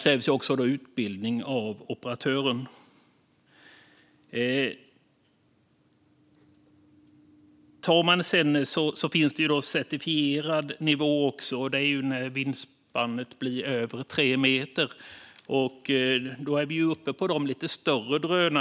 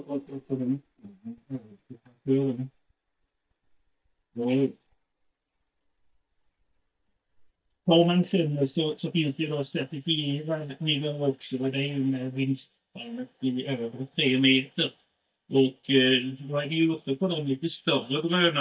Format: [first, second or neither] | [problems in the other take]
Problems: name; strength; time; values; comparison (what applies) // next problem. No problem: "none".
first | noise reduction (neural mask model DeepFilterNet 3)